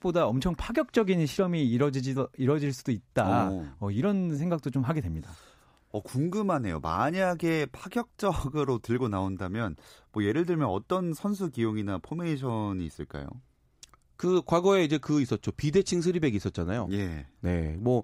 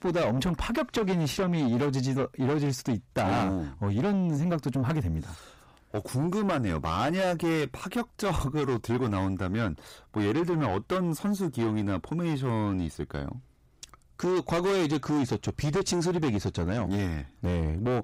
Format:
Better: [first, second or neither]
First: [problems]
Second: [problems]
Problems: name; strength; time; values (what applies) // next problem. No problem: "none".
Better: first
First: none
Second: distortion; heavy; 7 dB below the speech